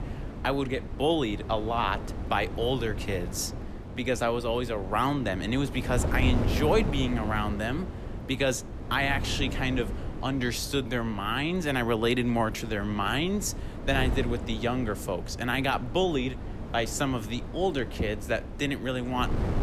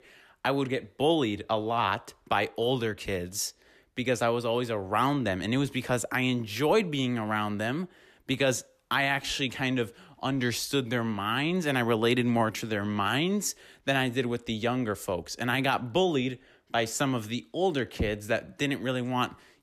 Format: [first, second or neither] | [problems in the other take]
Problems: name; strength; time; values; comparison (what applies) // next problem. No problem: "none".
second | wind noise on the microphone; occasional gusts; 10 dB below the speech